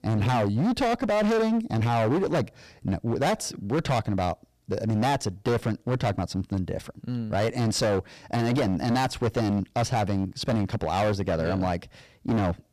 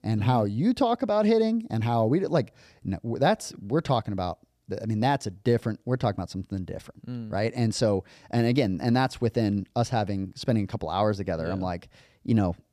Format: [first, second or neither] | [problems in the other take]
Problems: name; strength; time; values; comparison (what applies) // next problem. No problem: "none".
second | distortion; heavy; 22% of the sound clipped